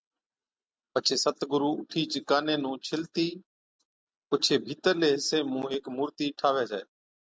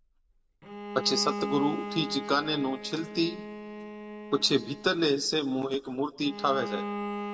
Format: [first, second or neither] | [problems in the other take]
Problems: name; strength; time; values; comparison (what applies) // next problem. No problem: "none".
first | background sound (Bowed string instrument); 8 dB below the speech // room echo; dies away in 0.8 s